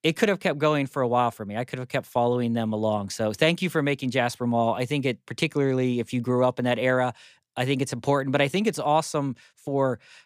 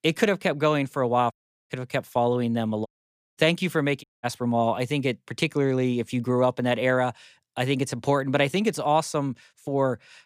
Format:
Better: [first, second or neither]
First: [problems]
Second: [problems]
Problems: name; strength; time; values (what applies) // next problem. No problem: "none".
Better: first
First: none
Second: audio cutting out; at 1.5 s, at 3 s for 0.5 s and at 4 s